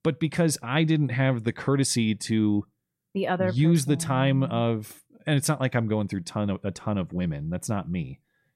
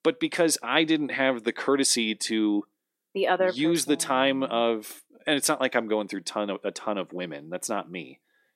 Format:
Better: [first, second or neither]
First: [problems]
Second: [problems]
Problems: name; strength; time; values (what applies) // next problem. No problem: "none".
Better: first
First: none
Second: thin; somewhat; fading below 300 Hz